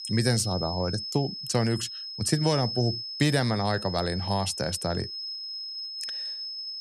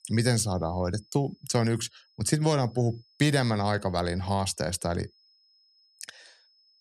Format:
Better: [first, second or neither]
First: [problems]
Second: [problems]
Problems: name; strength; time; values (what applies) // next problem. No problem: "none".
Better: second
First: high-pitched whine; loud; throughout; 5 kHz, 6 dB below the speech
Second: high-pitched whine; faint; throughout; 5 kHz, 35 dB below the speech